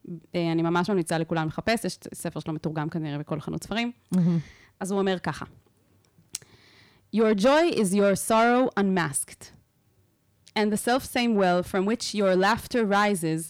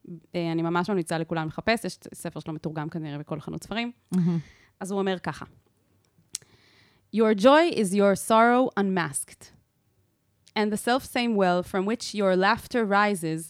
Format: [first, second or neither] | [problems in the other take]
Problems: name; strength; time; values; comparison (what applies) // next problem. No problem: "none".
second | distortion; slight; 10 dB below the speech